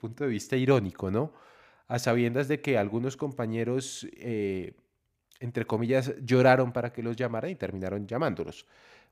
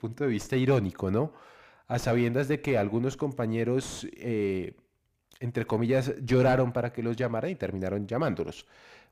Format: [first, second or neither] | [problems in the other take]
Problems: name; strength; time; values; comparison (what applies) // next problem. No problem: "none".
first | distortion; slight; 10 dB below the speech